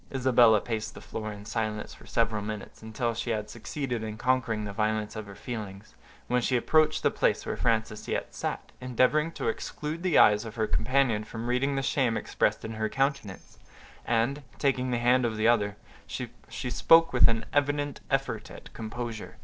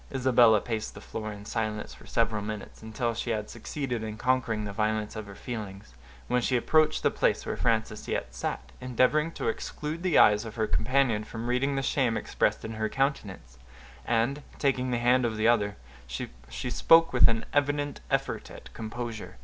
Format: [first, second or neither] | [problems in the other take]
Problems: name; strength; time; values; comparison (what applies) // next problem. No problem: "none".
second | noise reduction (neural separator model SepFormer DNS4)